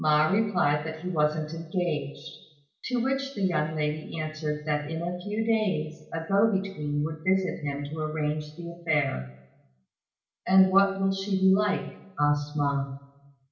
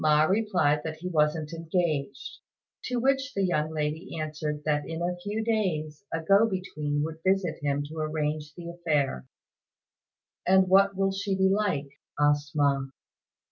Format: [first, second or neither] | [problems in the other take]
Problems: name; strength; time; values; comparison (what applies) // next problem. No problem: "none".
second | room echo; dies away in 0.8 s